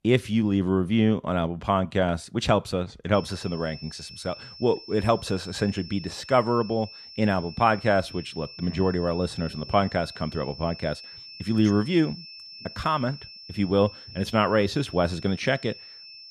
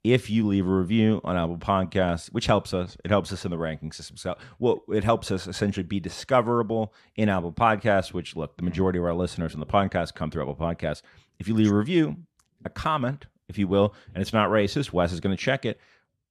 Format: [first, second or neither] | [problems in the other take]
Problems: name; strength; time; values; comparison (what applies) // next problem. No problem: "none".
second | high-pitched whine; noticeable; from 3 s on; 5.5 kHz, 15 dB below the speech